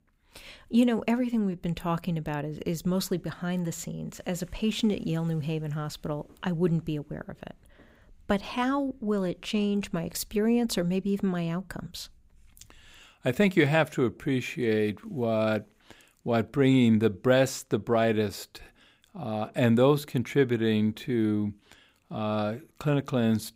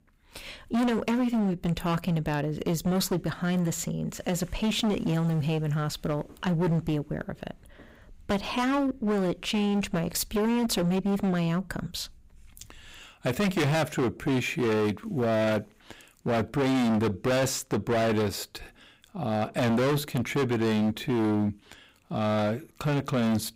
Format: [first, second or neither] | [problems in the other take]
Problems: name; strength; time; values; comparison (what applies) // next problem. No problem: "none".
first | distortion; heavy; 20% of the sound clipped